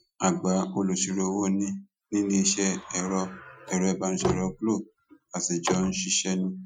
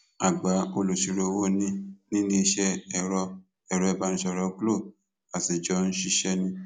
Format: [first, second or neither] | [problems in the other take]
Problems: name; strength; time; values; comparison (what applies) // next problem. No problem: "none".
second | noise reduction (classical method Wiener filter)